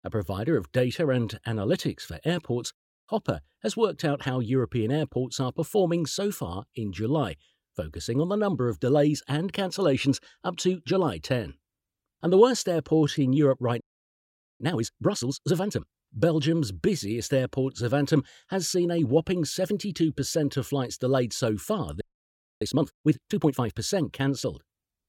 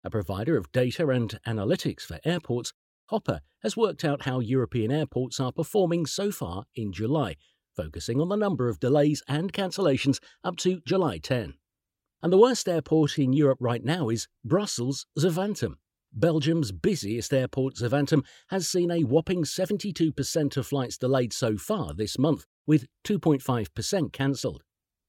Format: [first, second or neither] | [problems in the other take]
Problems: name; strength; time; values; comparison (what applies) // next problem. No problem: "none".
second | audio freezing; at 14 s for 1 s and at 22 s for 0.5 s